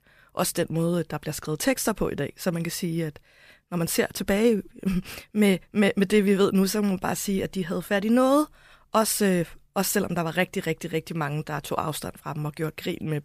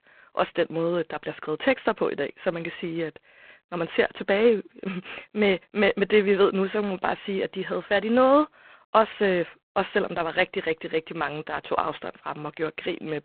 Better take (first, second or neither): first